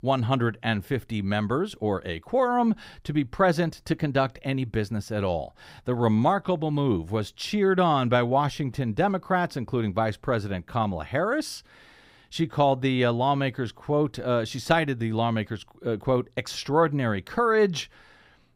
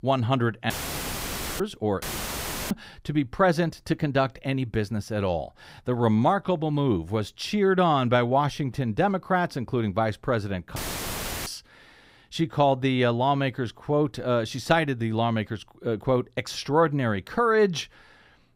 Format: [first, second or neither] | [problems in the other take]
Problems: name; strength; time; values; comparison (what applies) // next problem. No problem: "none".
first | audio cutting out; filled with static; at 0.5 s for 1 s, at 2 s for 0.5 s and at 11 s for 0.5 s